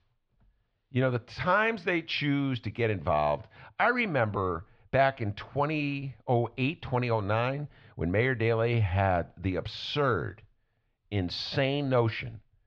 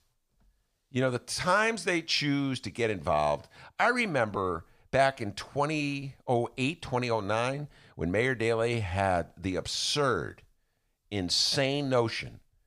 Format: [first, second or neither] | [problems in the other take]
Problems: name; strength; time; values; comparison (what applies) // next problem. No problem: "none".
second | muffled; slightly; fading above 3.5 kHz